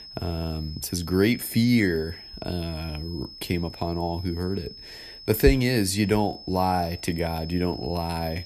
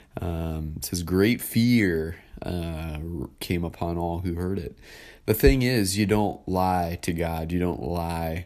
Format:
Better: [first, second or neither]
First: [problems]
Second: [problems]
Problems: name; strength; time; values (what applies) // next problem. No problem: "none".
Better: second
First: high-pitched whine; noticeable; throughout; 5 kHz, 15 dB below the speech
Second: none